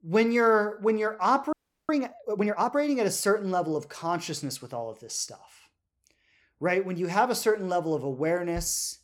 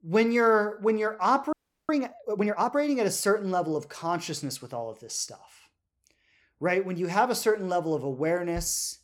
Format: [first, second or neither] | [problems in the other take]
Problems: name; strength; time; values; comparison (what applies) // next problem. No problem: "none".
neither | audio freezing; at 1.5 s; the same in both